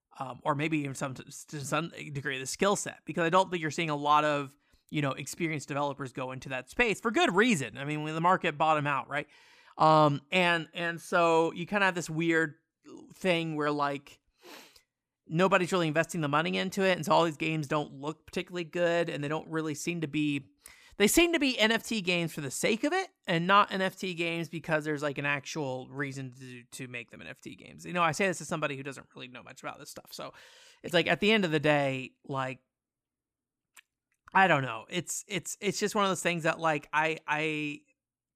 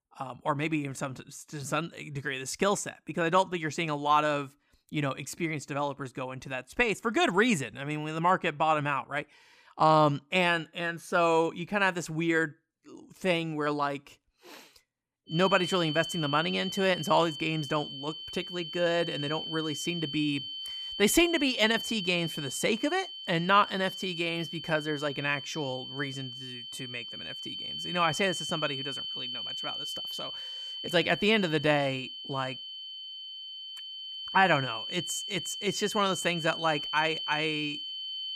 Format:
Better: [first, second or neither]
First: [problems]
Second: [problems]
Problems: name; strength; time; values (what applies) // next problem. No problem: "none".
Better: first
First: none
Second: high-pitched whine; loud; from 15 s on; 3 kHz, 7 dB below the speech